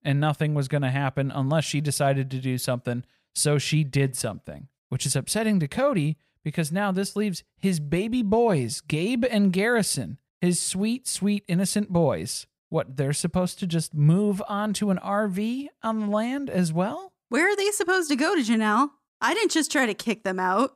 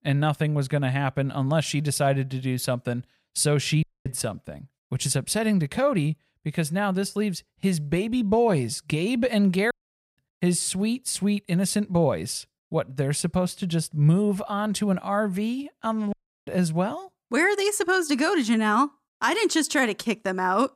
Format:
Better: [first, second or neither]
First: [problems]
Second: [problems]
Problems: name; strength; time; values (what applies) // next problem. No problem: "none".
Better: first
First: none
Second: audio cutting out; at 4 s, at 9.5 s and at 16 s